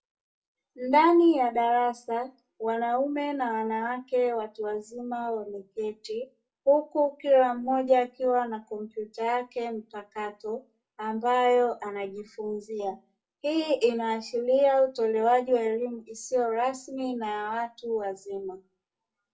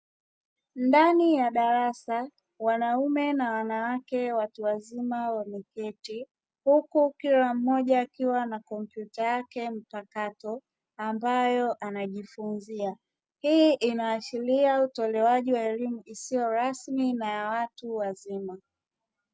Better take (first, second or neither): second